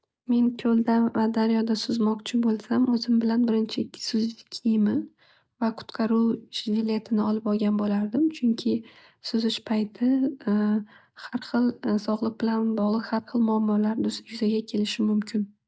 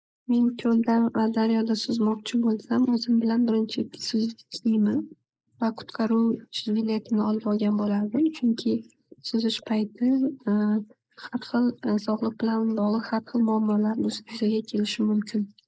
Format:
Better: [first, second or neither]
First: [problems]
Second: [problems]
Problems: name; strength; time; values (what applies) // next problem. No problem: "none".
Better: first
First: none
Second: noise reduction (neural mask model Resemble Enhance denoiser)